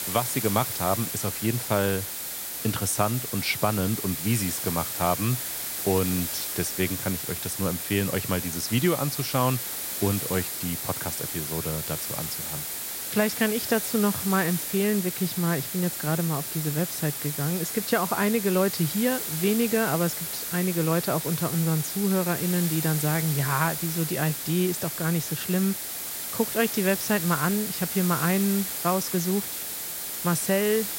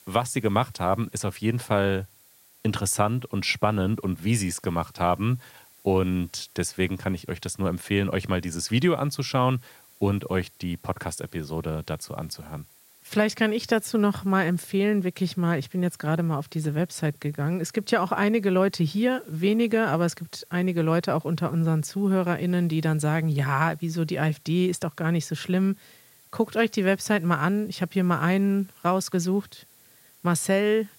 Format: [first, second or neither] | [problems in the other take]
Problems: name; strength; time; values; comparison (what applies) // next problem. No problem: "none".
second | hiss; loud; throughout; 3 dB below the speech; faint in the second